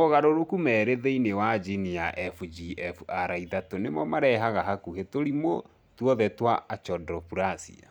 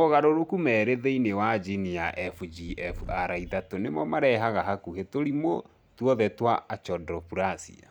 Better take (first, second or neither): first